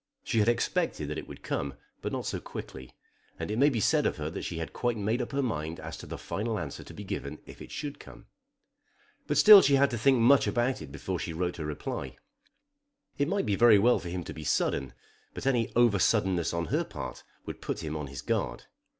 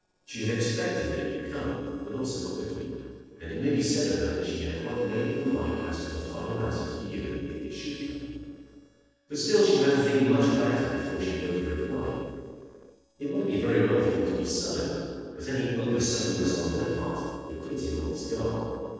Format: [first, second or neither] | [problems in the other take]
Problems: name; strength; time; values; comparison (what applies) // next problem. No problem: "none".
first | noise reduction (neural separator model SepFormer DNS4)